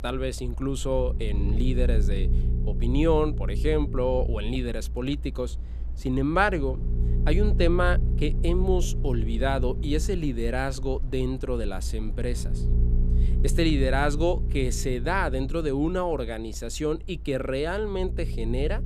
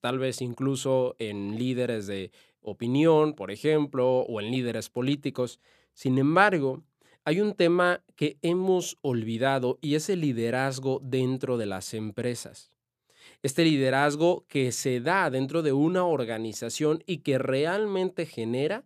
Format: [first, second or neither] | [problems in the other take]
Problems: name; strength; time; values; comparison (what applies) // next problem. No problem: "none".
second | low rumble; noticeable; throughout; 15 dB below the speech